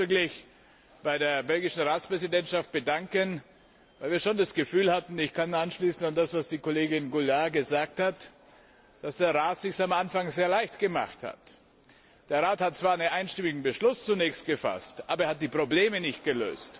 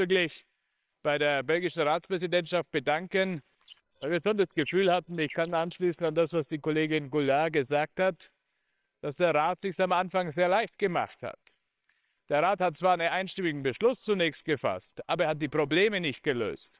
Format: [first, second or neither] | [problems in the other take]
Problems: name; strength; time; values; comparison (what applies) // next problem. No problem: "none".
first | noise reduction (neural separator model SepFormer WHAMR!)